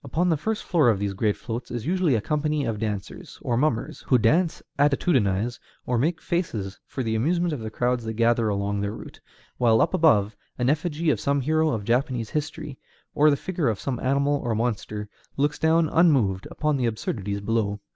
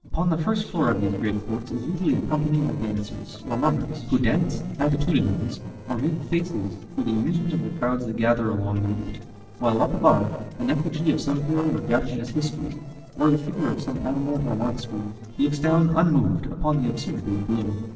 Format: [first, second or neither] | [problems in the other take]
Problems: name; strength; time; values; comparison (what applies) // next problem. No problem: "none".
first | noise reduction (neural separator model SepFormer DNS4)